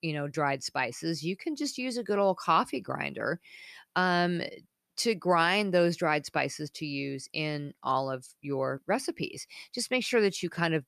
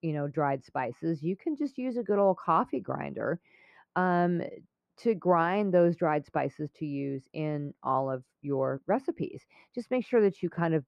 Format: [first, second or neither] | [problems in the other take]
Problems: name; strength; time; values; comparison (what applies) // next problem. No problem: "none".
first | muffled; very; fading above 2.5 kHz